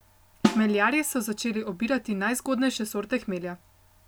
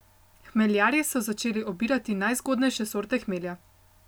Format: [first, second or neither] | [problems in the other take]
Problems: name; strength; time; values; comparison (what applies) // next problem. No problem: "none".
second | background sound (Snare drum); 5 dB below the speech